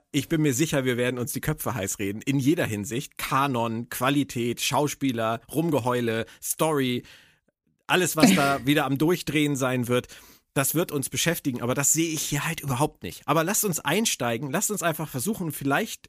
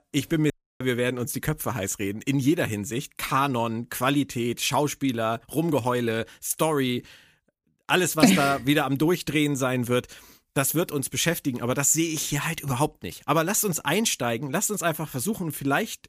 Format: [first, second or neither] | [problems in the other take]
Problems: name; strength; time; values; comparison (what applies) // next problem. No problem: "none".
first | audio cutting out; at 0.5 s